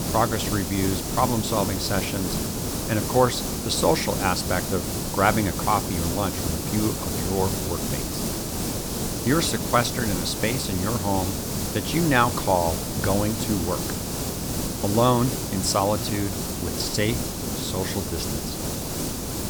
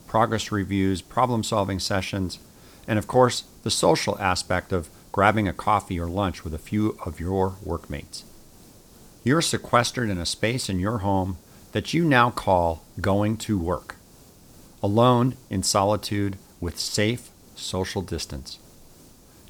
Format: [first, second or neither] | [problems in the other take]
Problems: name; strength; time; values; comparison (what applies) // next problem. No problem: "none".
second | hiss; loud; throughout; 2 dB below the speech; faint in the second